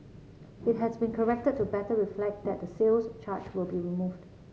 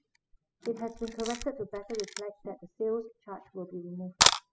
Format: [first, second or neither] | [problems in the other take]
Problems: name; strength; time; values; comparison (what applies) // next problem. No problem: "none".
first | noise reduction (classical method spectral subtraction)